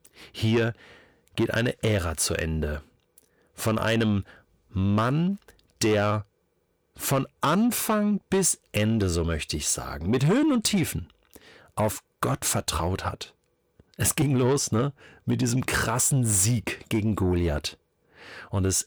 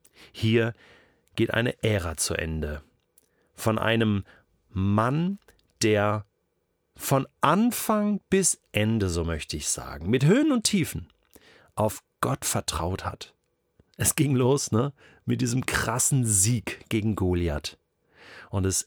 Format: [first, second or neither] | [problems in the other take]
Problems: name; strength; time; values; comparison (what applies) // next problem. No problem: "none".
second | distortion; slight; 10 dB below the speech